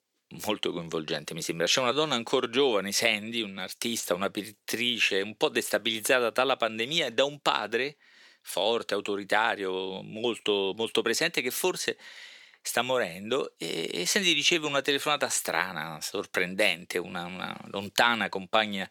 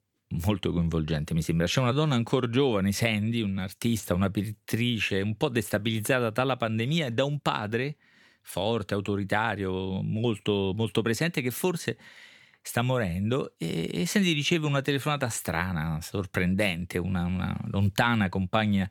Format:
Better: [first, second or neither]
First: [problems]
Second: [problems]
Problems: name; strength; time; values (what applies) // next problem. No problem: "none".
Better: second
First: thin; somewhat; fading below 400 Hz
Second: none